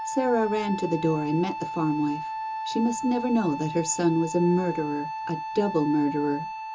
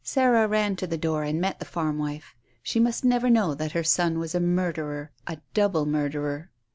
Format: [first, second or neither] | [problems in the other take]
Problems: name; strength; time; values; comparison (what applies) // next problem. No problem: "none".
second | background sound (Wind instrument, woodwind instrument); 7 dB below the speech // room echo; dies away in 0.2 s